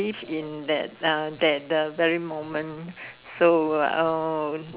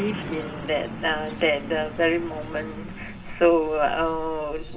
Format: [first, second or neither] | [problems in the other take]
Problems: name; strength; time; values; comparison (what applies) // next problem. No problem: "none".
first | background sound (Truck); 10 dB below the speech // room echo; dies away in 0.4 s